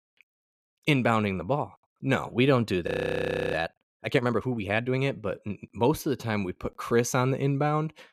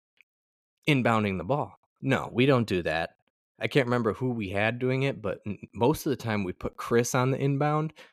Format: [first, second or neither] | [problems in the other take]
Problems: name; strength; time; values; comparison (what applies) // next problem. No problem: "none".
second | audio freezing; at 3 s for 0.5 s